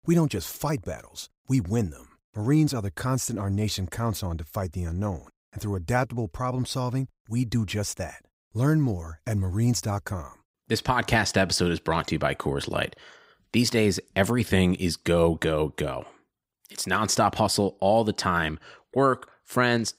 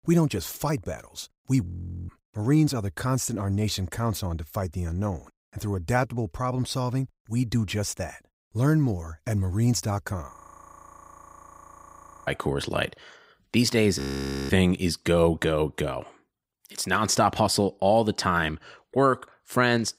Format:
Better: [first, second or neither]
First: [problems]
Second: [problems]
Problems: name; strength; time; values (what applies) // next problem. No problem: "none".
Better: first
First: none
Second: audio freezing; at 1.5 s, at 10 s for 2 s and at 14 s for 0.5 s